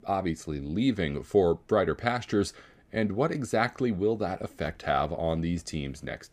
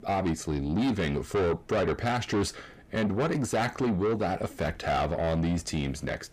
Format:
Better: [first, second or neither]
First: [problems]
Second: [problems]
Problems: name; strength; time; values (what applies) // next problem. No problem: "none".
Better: first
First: none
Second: distortion; heavy; 6 dB below the speech